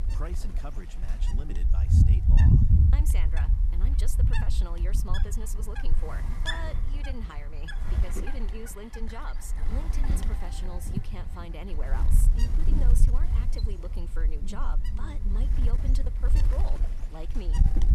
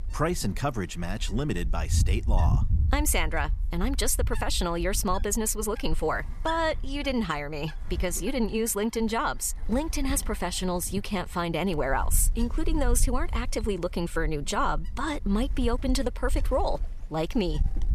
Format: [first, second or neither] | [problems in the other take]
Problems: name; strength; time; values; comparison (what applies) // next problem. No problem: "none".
second | wind noise on the microphone; heavy; 2 dB above the speech; occasional gusts in the second